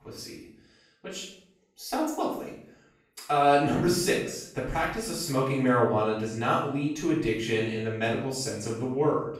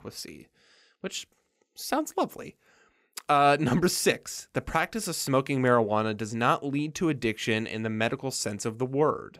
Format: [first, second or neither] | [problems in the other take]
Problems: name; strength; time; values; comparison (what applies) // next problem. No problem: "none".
second | off-mic speech; far // room echo; noticeable; dies away in 0.6 s